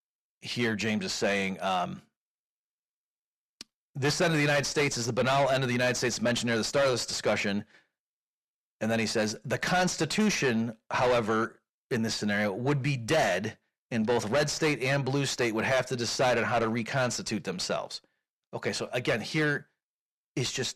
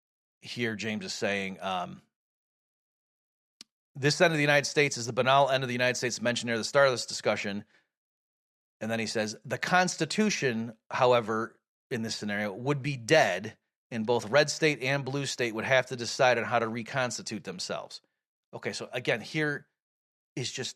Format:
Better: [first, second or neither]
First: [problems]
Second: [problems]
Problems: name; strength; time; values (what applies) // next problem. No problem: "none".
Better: second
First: distortion; heavy; 6 dB below the speech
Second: none